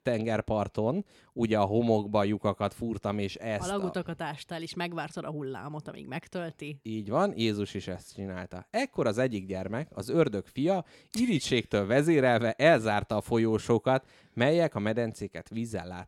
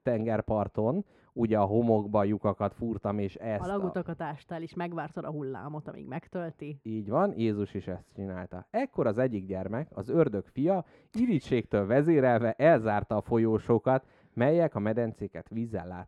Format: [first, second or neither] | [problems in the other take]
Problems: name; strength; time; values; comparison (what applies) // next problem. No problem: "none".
first | muffled; very; fading above 2.5 kHz